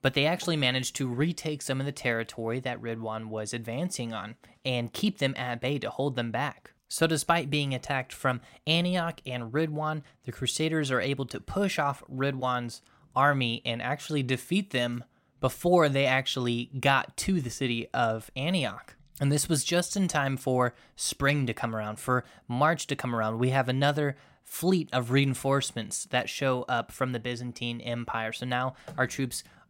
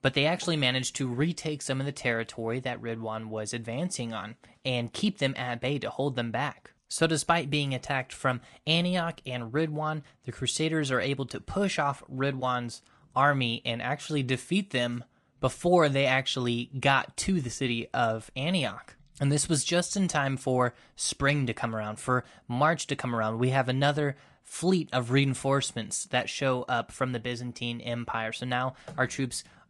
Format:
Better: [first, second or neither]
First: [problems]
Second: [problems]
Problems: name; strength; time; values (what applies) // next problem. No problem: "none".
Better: first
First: none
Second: garbled, watery; slightly; nothing above 10 kHz